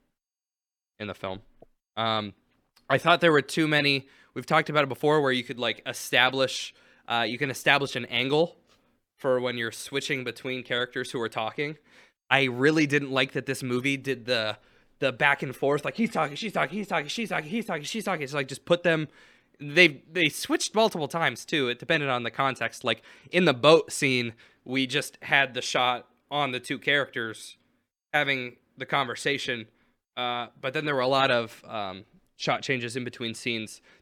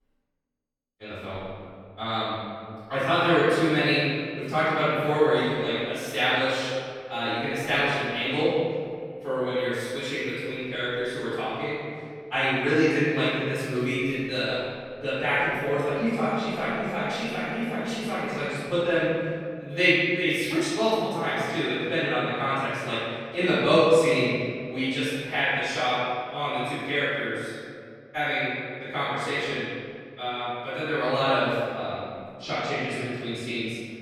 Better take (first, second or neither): first